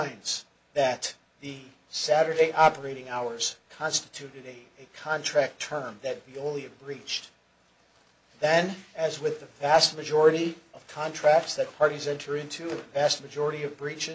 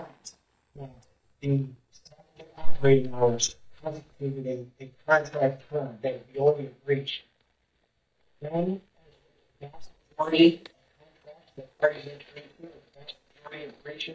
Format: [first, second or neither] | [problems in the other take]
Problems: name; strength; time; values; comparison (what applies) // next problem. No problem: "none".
first | noise reduction (neural mask model DeepFilterNet 3)